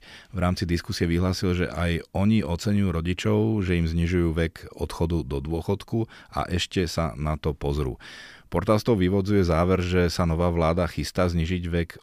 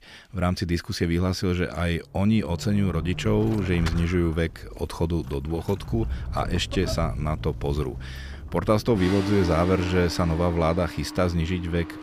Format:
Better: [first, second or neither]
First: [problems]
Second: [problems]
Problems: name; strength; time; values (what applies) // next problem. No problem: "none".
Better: first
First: none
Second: traffic noise; loud; from 2.5 s on; 10 dB below the speech